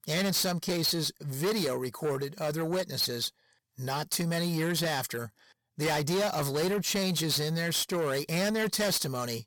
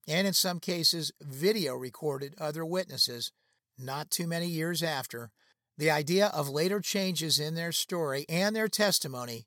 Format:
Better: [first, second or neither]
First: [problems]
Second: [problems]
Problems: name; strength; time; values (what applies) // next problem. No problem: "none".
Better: second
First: distortion; heavy; 6 dB below the speech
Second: none